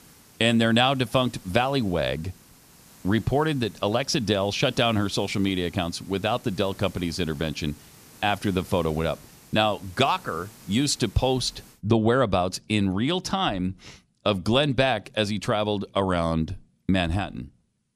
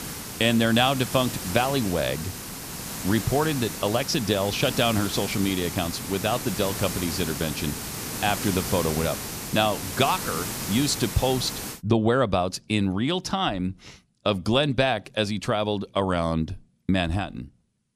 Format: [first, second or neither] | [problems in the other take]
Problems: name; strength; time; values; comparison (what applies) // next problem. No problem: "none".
first | hiss; loud; until 12 s; 6 dB below the speech; faint in the first